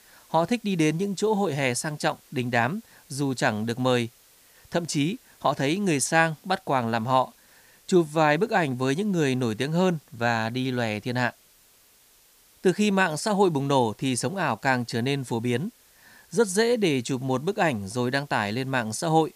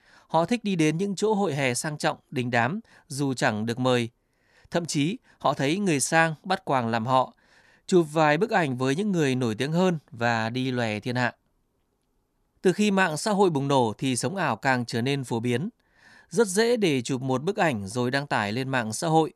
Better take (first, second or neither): second